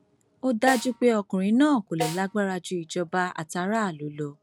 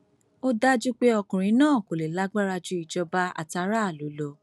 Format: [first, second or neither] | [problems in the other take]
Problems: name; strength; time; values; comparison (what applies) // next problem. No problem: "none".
second | background sound (Snare drum); 11 dB below the speech